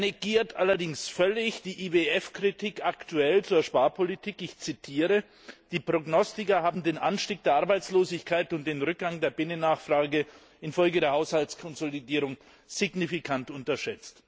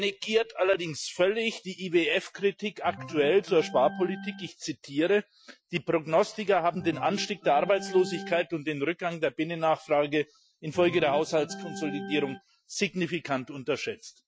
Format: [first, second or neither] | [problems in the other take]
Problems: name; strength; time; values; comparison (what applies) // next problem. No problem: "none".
first | noise reduction (classical method Wiener filter)